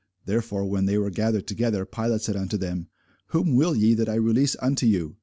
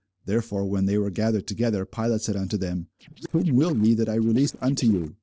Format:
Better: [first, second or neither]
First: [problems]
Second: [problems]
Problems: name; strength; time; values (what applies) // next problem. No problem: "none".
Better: first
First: none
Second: noise reduction (neural separator model SepFormer DNS4)